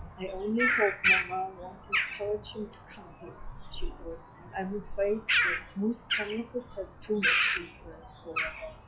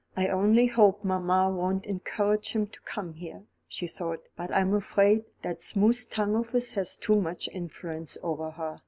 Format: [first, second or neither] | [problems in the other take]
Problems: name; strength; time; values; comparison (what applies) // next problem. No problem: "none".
second | noise reduction (classical method log-MMSE)